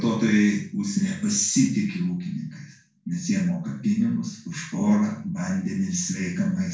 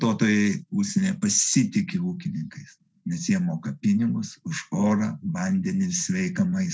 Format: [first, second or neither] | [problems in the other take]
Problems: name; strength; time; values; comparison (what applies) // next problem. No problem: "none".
second | room echo; dies away in 0.4 s